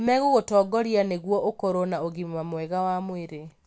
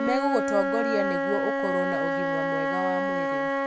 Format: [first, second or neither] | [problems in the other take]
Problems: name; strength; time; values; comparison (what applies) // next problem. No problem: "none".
first | background sound (Wind instrument, woodwind instrument); 4 dB above the speech